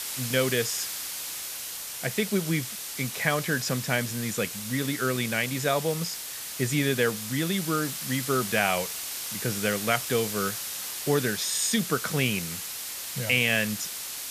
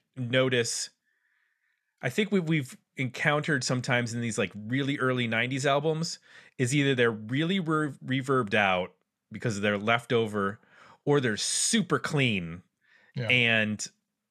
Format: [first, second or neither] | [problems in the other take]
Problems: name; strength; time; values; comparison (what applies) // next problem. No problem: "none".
second | hiss; loud; throughout; 5 dB below the speech